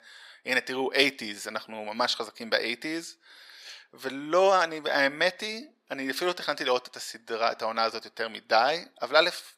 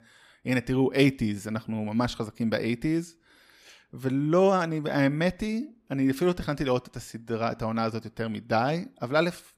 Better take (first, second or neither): second